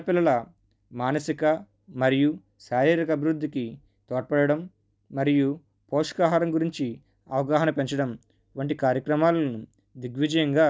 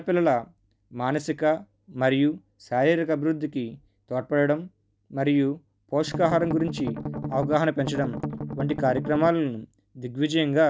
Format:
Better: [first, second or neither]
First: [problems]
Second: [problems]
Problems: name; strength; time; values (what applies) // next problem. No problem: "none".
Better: first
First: none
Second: background sound (Strum); 6 dB below the speech